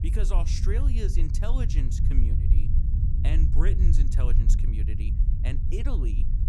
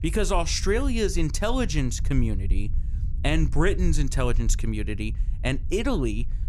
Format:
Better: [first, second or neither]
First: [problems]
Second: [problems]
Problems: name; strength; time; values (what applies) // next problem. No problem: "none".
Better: second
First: low rumble; loud; throughout; 3 dB below the speech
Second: low rumble; faint; throughout; 20 dB below the speech